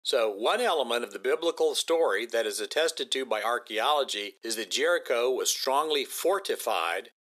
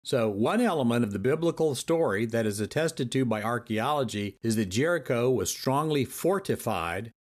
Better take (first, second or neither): second